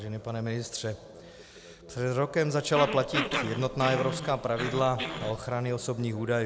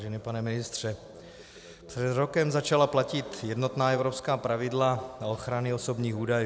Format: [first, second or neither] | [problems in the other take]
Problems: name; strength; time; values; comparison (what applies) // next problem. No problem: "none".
second | background sound (Growling); 5 dB below the speech